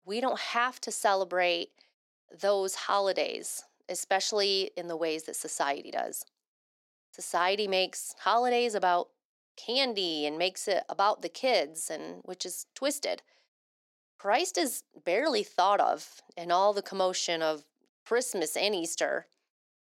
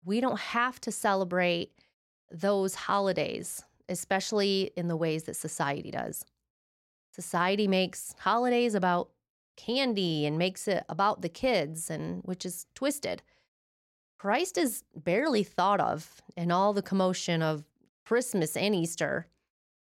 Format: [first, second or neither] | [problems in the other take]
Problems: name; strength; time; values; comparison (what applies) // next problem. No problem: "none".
second | thin; somewhat; fading below 300 Hz